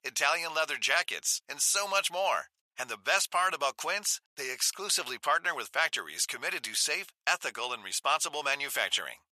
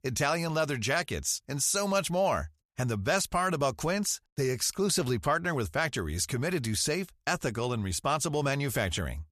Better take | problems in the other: second | thin; very; fading below 900 Hz

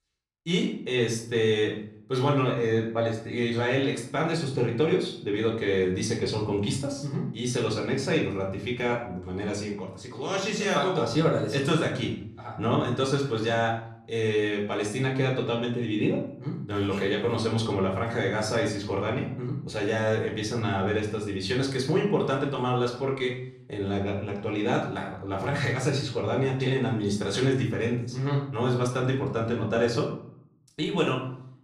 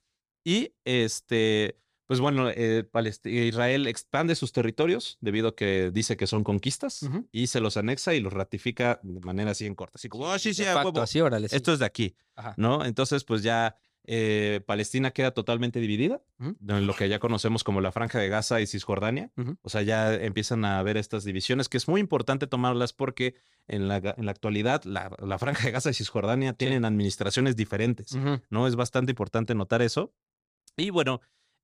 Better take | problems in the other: second | off-mic speech; far // room echo; slight; dies away in 0.5 s

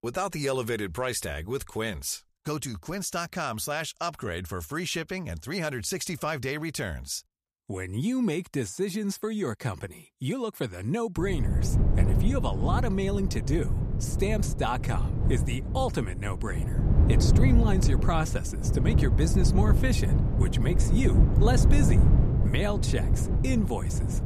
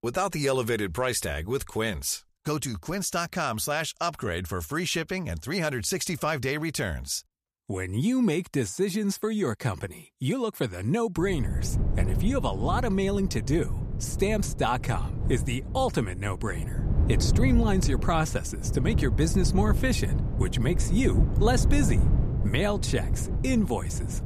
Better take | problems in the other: second | wind noise on the microphone; heavy; from 11 s on; 5 dB below the speech; occasional gusts in the second

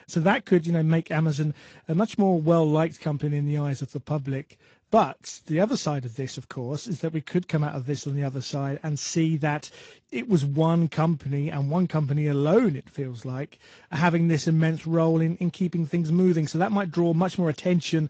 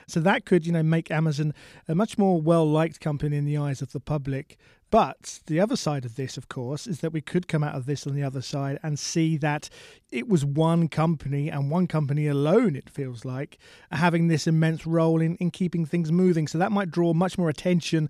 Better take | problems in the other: second | garbled, watery; slightly

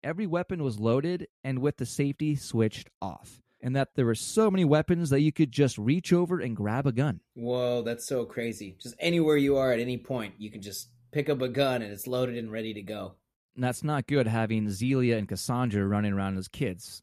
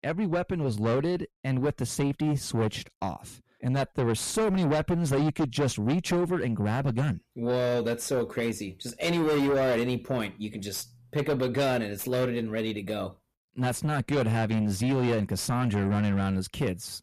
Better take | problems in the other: first | distortion; heavy; 6 dB below the speech

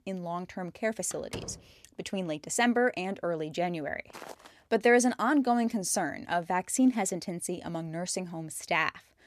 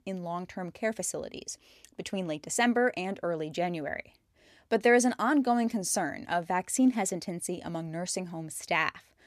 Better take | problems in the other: second | door banging; faint; at 1 s; peak 15 dB below the speech // footsteps; faint; at 4 s; peak 15 dB below the speech

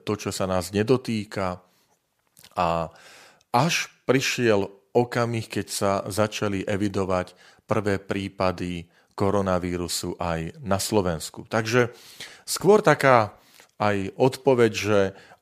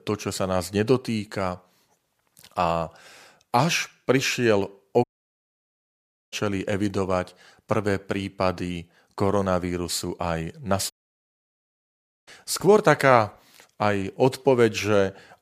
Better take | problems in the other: first | audio cutting out; at 5 s for 1.5 s and at 11 s for 1.5 s

